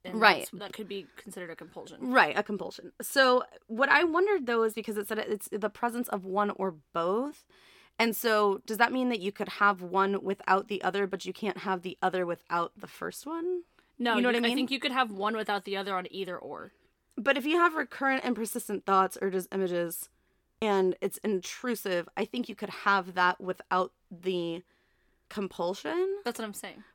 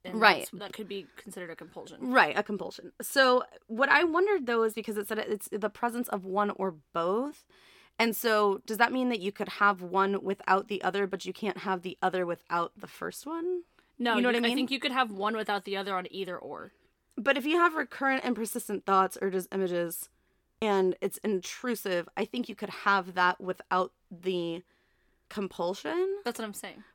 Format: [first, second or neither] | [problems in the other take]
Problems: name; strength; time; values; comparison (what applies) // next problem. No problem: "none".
neither | none